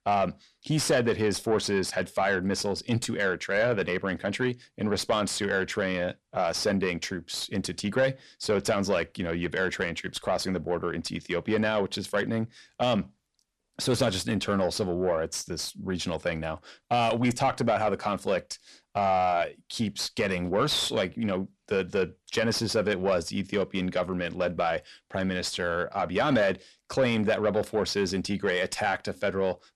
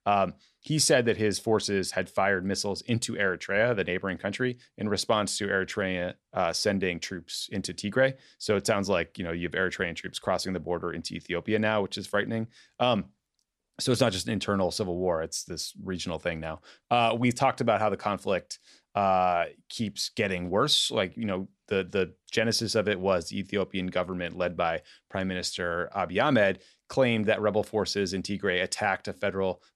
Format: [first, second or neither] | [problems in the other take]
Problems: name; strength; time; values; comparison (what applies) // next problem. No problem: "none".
second | distortion; slight; 10 dB below the speech